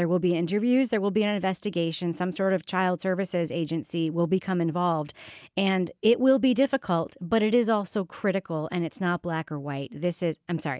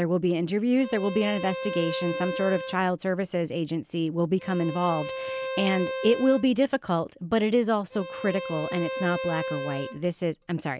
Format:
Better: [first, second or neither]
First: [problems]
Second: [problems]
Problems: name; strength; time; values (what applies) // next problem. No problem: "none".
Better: first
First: none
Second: background sound (Bowed string instrument); 9 dB below the speech